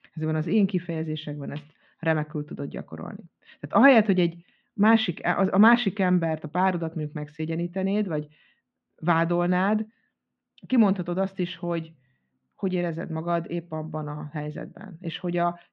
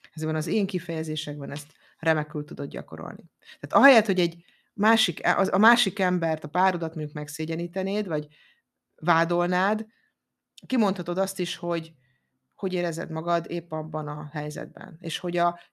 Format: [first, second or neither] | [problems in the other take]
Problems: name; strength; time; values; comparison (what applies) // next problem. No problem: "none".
second | muffled; slightly; fading above 3 kHz